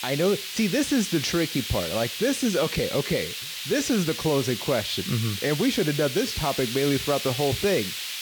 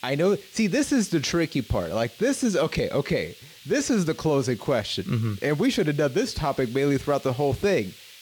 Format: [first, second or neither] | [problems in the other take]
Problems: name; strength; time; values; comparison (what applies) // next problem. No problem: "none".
second | hiss; loud; throughout; 5 dB below the speech; faint in the second